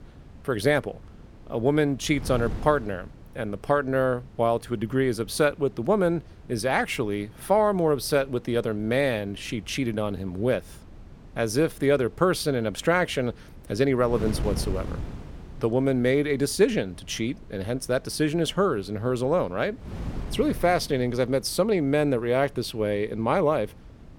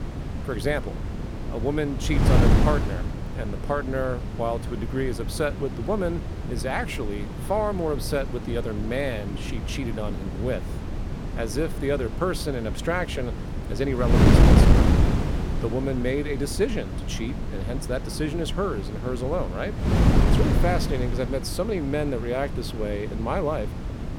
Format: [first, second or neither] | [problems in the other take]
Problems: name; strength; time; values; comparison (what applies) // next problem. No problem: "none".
first | wind noise on the microphone; heavy; 4 dB below the speech; occasional gusts in the first